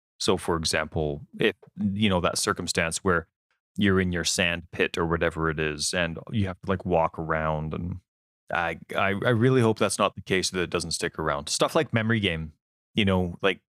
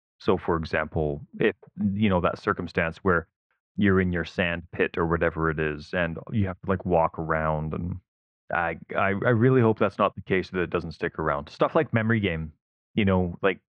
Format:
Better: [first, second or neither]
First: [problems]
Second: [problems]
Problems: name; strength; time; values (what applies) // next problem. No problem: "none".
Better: first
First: none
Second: muffled; very; fading above 2 kHz